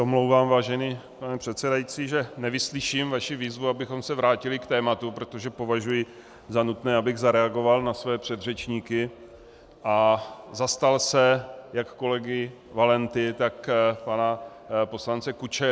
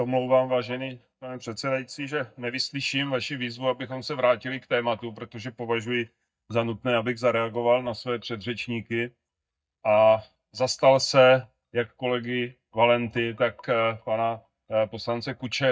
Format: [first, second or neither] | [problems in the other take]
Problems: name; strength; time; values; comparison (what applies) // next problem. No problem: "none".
first | noise reduction (neural mask model DeepFilterNet 3)